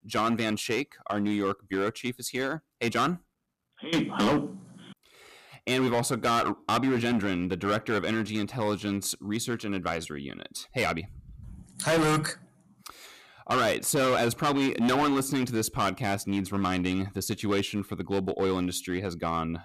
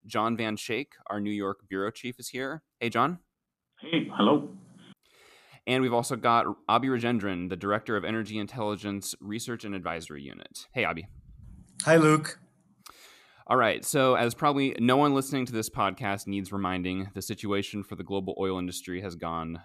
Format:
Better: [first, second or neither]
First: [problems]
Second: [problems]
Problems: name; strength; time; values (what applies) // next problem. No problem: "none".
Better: second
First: distortion; heavy; 9% of the sound clipped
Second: none